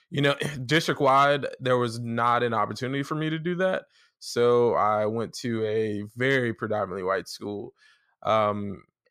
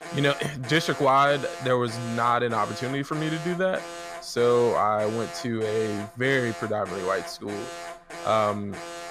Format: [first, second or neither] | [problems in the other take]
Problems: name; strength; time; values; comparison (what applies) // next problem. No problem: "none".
first | alarm; faint; peak 10 dB below the speech